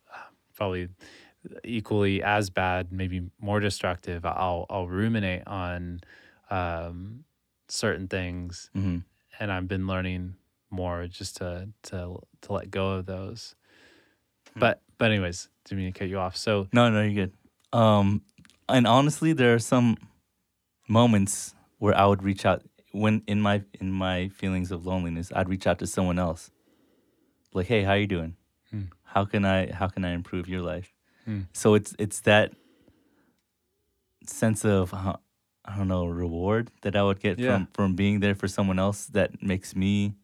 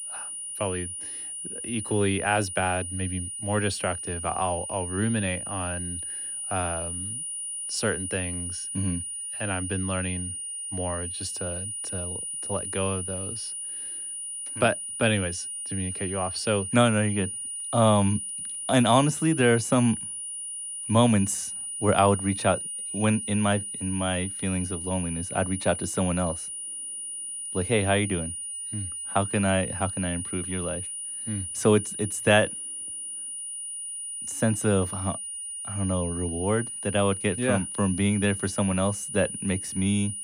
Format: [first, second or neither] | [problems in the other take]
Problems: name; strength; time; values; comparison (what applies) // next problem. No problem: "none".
first | high-pitched whine; loud; throughout; 9.5 kHz, 5 dB below the speech